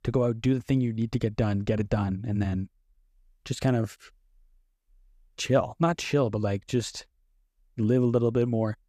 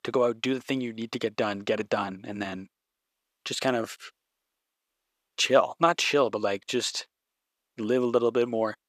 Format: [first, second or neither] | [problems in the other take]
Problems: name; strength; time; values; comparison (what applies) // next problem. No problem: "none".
first | thin; somewhat; fading below 400 Hz